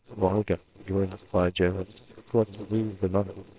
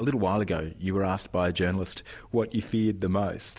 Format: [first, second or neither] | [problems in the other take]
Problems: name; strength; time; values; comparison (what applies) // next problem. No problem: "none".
second | noise reduction (neural separator model SepFormer WHAMR!)